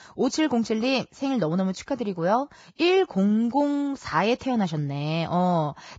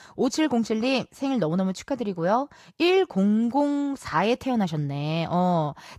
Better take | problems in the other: second | garbled, watery; badly; nothing above 7.5 kHz; slightly in the second

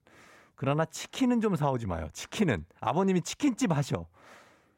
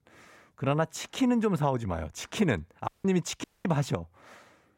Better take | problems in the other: first | audio cutting out; at 3 s and at 3.5 s

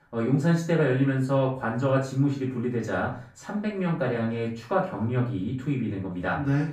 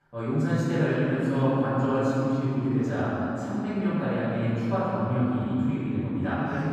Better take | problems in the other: first | room echo; strong; dies away in 3 s; slight in the first // off-mic speech; far; far in the first

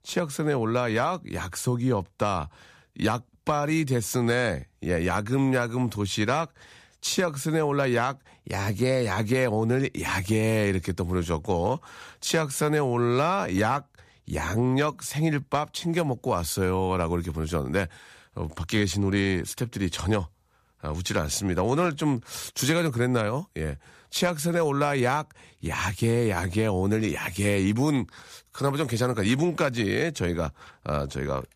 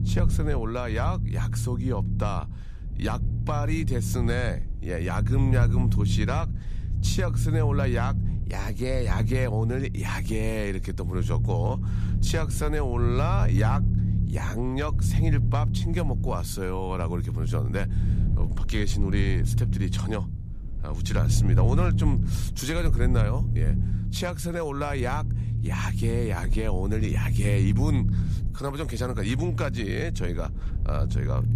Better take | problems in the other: first | low rumble; loud; throughout; 8 dB below the speech

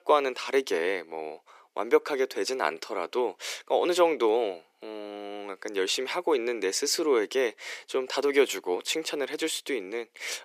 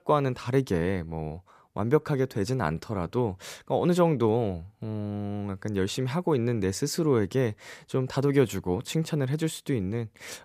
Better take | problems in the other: second | thin; very; fading below 350 Hz

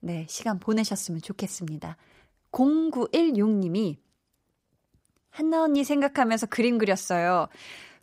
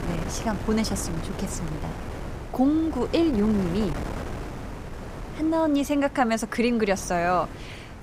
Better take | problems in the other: first | wind noise on the microphone; occasional gusts; 10 dB below the speech

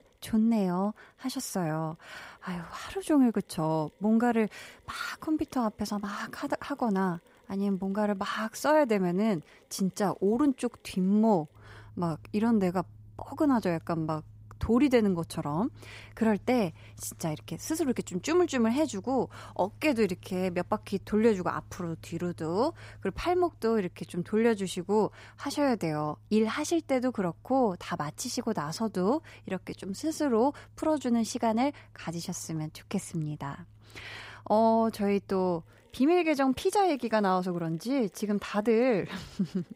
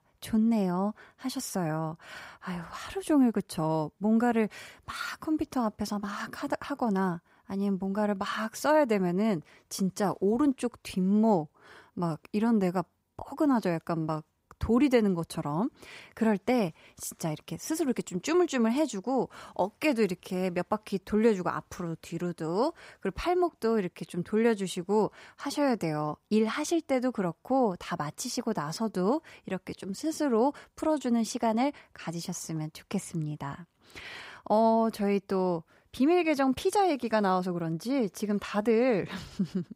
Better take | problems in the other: second | machinery noise; faint; throughout; 25 dB below the speech

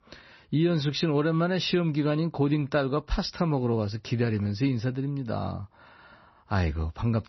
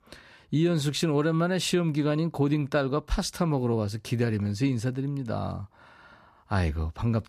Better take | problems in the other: second | garbled, watery; slightly; nothing above 6 kHz

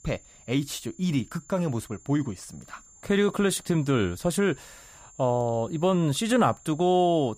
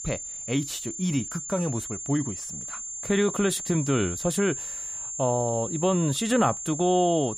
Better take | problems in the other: first | high-pitched whine; loud; throughout; 7.5 kHz, 6 dB below the speech; faint in the first

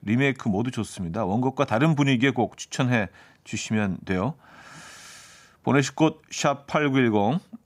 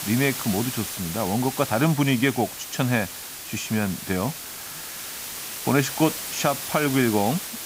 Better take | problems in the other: first | hiss; loud; throughout; 7 dB below the speech

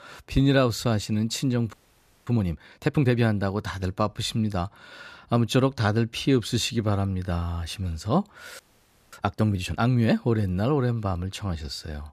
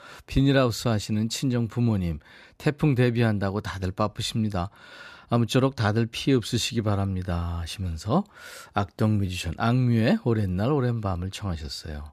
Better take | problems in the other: second | audio freezing; at 1.5 s for 0.5 s and at 8.5 s for 0.5 s

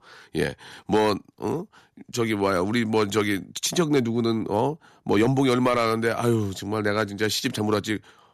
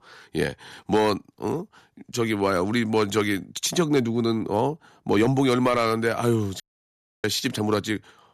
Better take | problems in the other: first | audio cutting out; at 6.5 s for 0.5 s

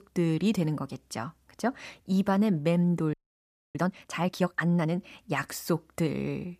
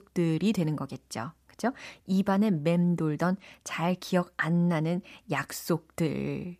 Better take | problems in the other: second | audio freezing; at 3 s for 0.5 s

